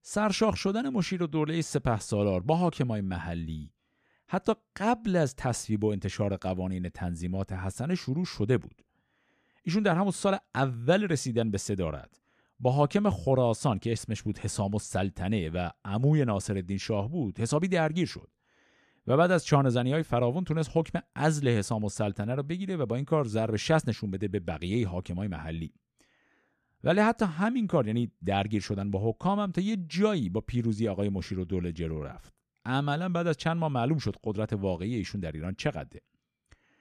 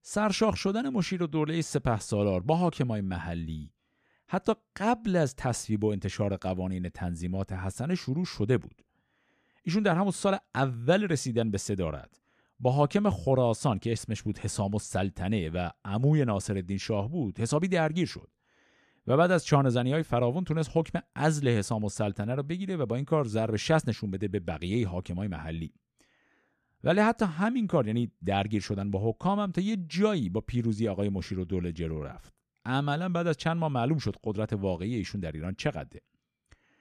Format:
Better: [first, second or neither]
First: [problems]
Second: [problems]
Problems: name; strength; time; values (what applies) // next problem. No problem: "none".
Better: neither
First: none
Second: none